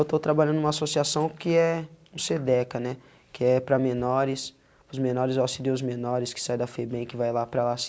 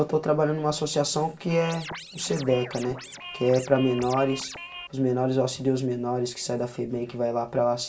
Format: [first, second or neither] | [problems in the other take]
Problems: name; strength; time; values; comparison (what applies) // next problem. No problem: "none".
first | background sound (Scratching (performance technique)); 14 dB below the speech // room echo; dies away in 0.2 s